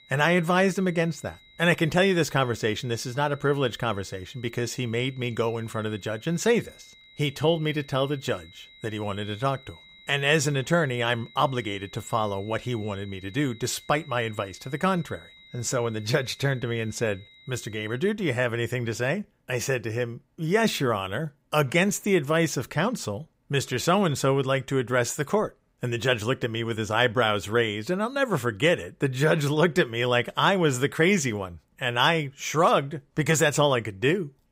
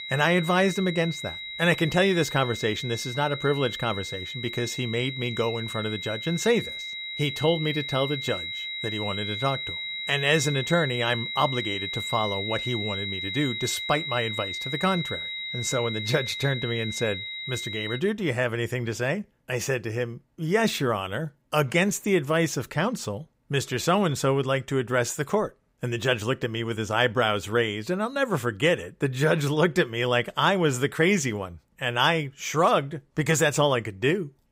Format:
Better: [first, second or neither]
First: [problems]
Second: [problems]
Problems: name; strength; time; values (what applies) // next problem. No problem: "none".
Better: first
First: high-pitched whine; faint; until 18 s; 4 kHz, 25 dB below the speech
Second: high-pitched whine; loud; until 18 s; 4 kHz, 6 dB below the speech